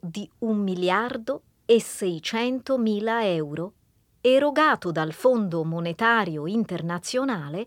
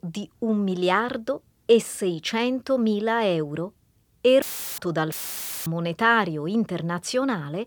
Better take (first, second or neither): first